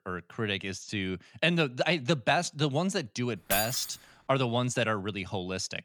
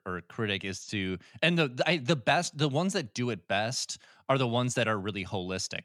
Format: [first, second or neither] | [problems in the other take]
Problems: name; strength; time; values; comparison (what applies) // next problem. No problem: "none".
second | jangling keys; noticeable; at 3.5 s; peak level with the speech